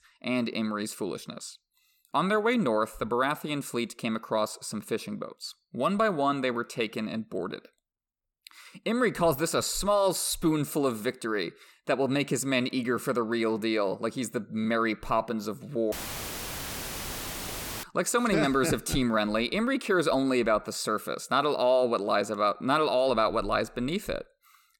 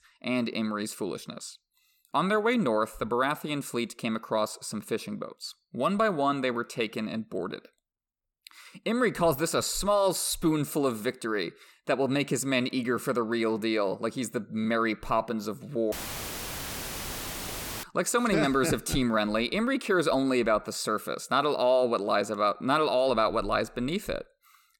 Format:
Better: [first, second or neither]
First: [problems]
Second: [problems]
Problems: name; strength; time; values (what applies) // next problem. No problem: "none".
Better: neither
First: audio cutting out; filled with static; at 16 s for 2 s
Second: audio cutting out; filled with static; at 16 s for 2 s